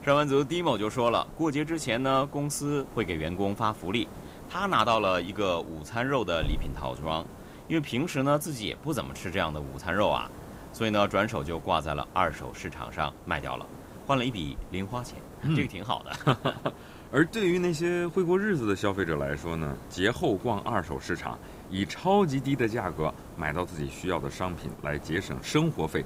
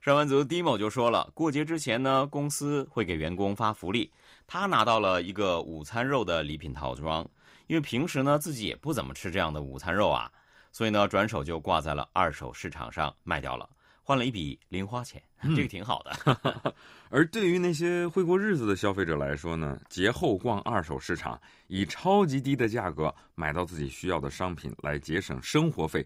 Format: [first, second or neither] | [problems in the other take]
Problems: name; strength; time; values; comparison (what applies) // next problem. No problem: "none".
second | hiss; noticeable; throughout; 15 dB below the speech